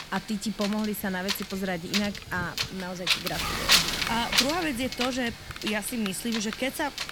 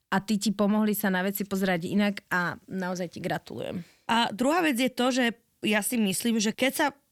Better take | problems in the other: second | wind noise on the microphone; heavy; 4 dB above the speech

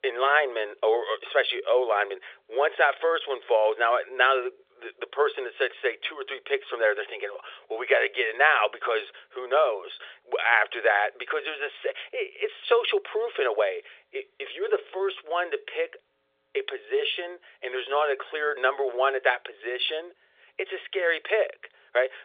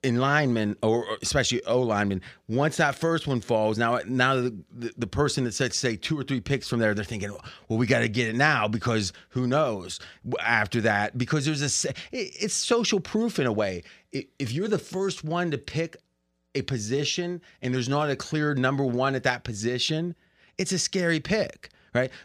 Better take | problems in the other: second | phone-call audio

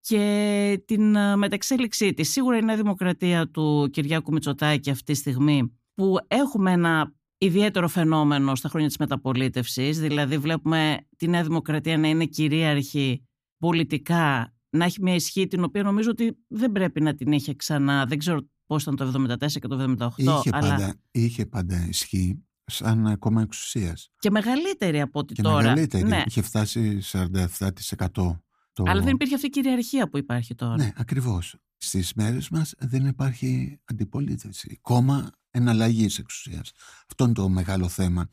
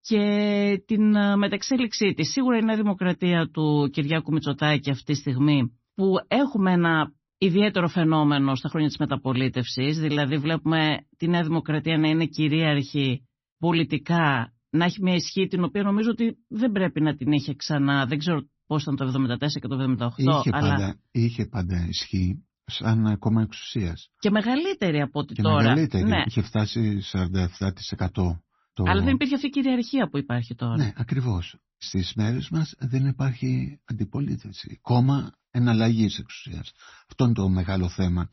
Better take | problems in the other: first | garbled, watery; slightly; nothing above 6 kHz

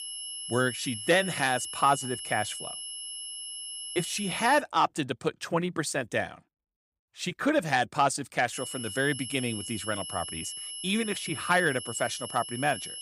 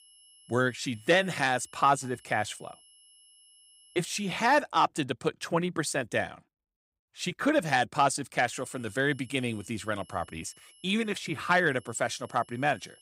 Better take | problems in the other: second | high-pitched whine; loud; until 4.5 s and from 8.5 s on; 3 kHz, 7 dB below the speech; faint in the second

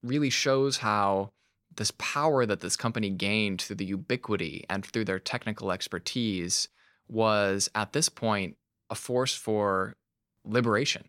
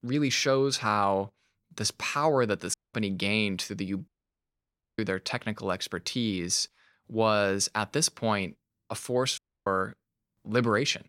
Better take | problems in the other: first | audio cutting out; at 2.5 s, at 4 s for 1 s and at 9.5 s

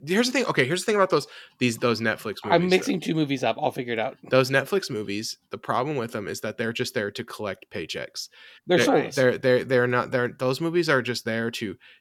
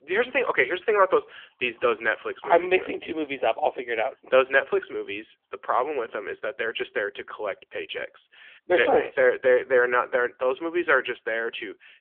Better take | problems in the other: first | phone-call audio; nothing above 3 kHz

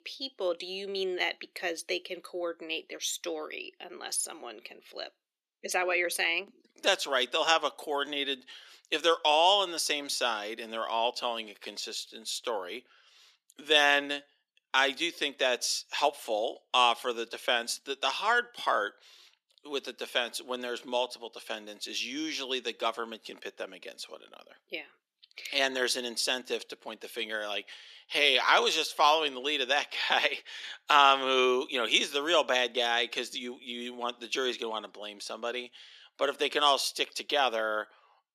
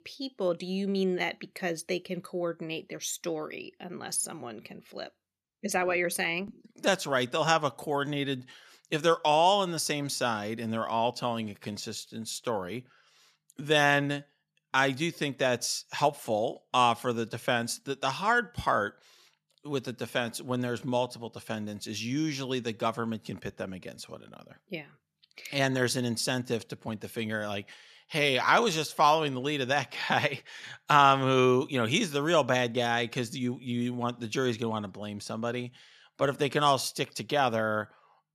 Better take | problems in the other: second | thin; somewhat; fading below 300 Hz

